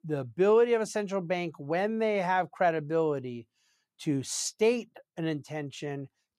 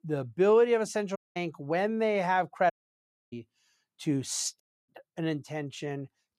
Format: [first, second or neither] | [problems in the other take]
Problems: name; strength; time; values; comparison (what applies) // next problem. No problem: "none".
first | audio cutting out; at 1 s, at 2.5 s for 0.5 s and at 4.5 s